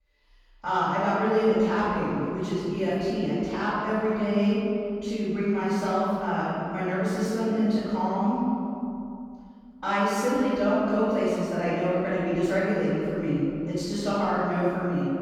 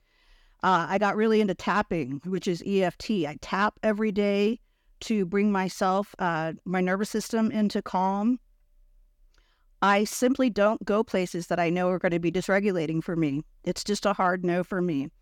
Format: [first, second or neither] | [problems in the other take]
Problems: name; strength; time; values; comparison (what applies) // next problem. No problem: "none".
second | off-mic speech; far // room echo; strong; dies away in 2.6 s